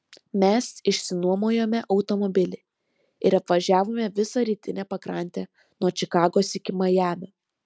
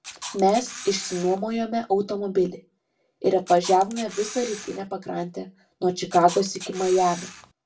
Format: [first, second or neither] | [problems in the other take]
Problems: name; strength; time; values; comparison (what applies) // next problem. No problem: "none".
first | background sound (Camera); 14 dB below the speech // room echo; dies away in 0.2 s